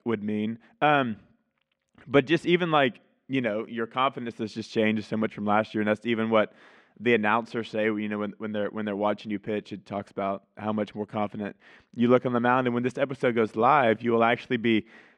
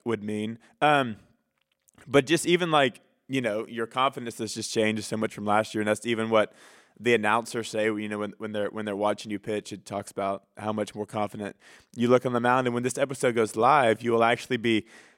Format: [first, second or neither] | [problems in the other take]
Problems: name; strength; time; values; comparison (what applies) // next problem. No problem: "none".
second | muffled; slightly; fading above 2.5 kHz